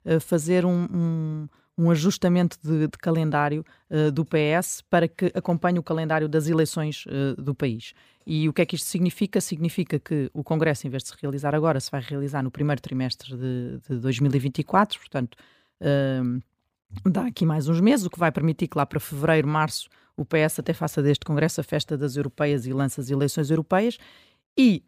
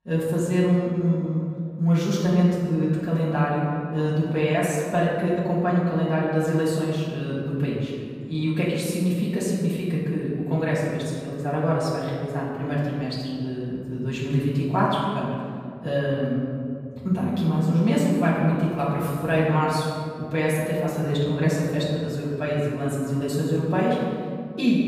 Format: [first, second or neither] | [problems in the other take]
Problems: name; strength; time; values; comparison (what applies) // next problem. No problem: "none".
first | off-mic speech; far // room echo; strong; dies away in 2.1 s